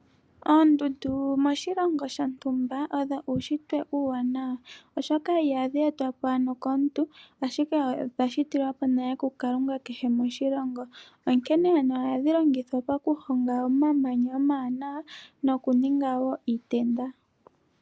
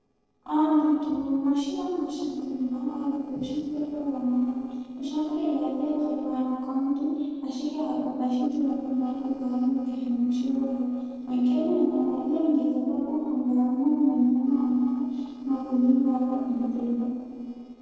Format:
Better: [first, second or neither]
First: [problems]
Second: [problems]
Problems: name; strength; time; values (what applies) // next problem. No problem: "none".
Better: first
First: none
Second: noise reduction (neural separator model SepFormer DNS4)